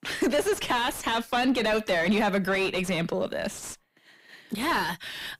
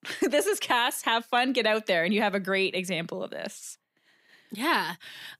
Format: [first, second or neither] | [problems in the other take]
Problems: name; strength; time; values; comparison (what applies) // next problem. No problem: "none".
second | distortion; heavy; 6 dB below the speech